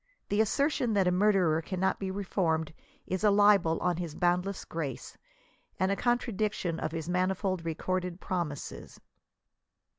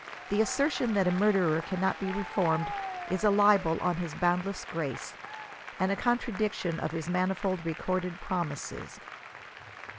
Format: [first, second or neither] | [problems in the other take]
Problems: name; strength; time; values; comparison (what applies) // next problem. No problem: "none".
first | background sound (Applause); 12 dB below the speech